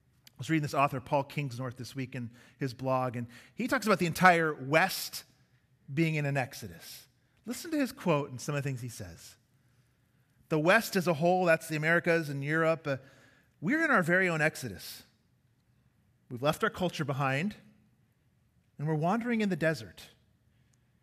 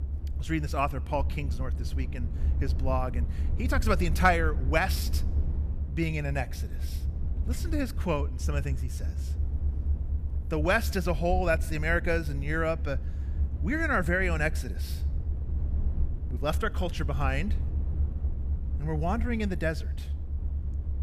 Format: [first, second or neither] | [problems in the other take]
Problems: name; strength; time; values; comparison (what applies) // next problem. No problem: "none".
first | low rumble; noticeable; throughout; 20 dB below the speech